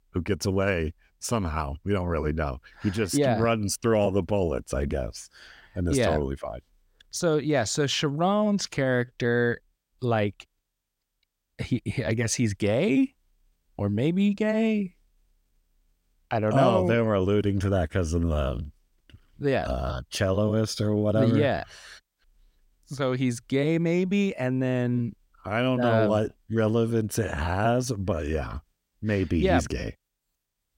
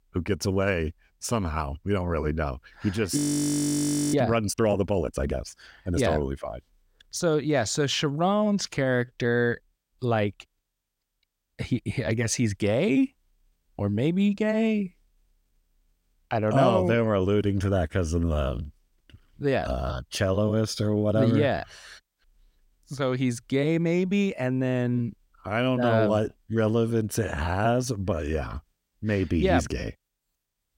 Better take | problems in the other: first | audio freezing; at 3 s for 1 s

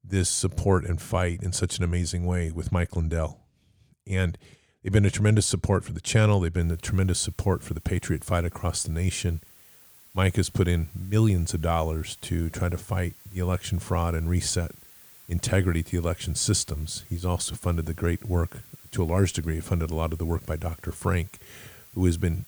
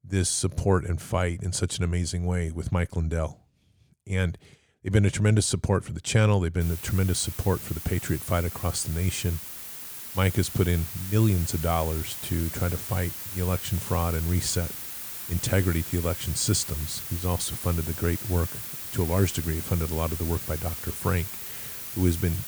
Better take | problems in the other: first | hiss; loud; from 6.5 s on; 5 dB below the speech; faint in the first

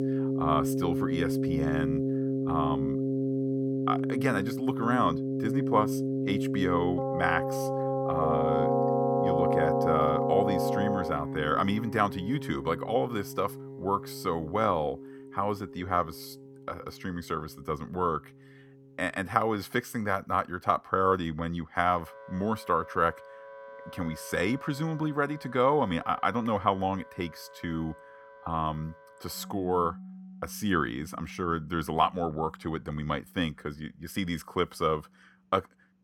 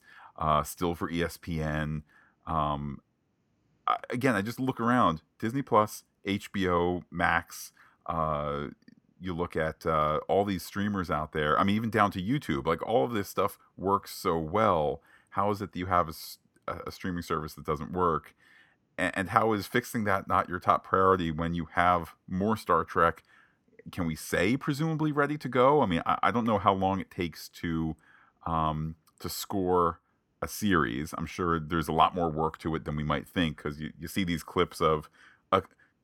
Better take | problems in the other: second | background music; very loud; throughout; 1 dB above the speech

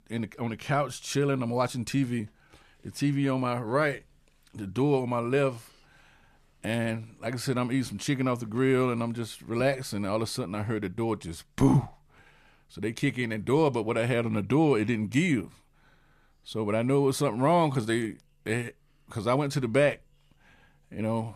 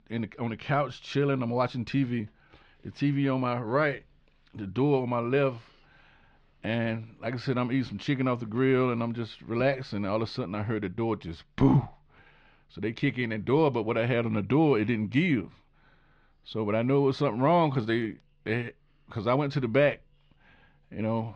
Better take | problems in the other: first | muffled; very slightly; fading above 4 kHz

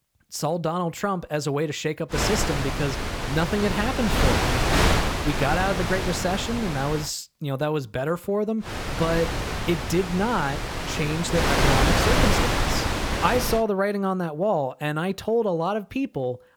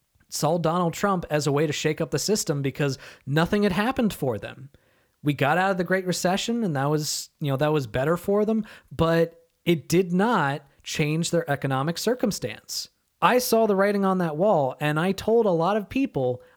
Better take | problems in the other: second | wind noise on the microphone; heavy; from 2 to 7 s and from 8.5 to 14 s; 1 dB above the speech

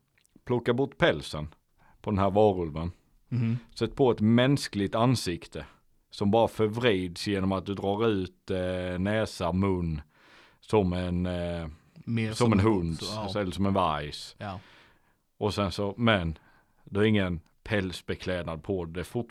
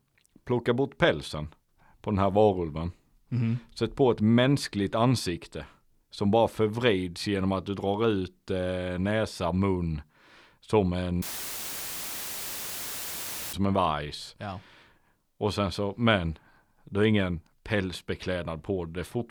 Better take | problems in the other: first | audio cutting out; filled with static; at 11 s for 2.5 s

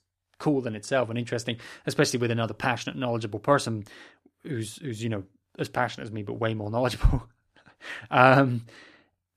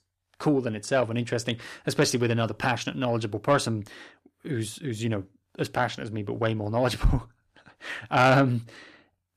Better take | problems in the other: first | distortion; slight; 10 dB below the speech

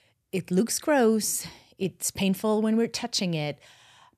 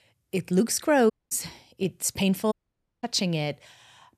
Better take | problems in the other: first | audio cutting out; at 1 s and at 2.5 s for 0.5 s

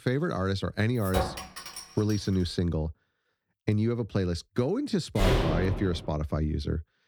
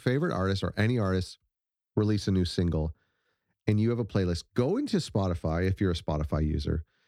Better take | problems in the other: second | clattering dishes; noticeable; from 1 to 2 s; peak 2 dB below the speech // door banging; loud; at 5 s; peak 3 dB above the speech

